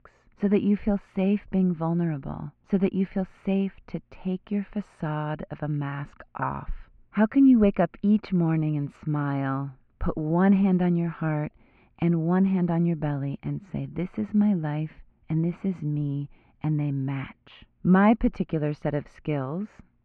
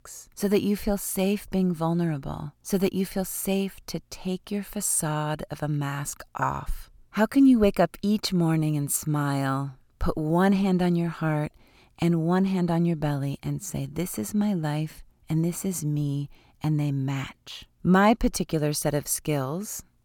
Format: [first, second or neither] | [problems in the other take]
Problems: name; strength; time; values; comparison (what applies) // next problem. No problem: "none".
second | muffled; very; fading above 2.5 kHz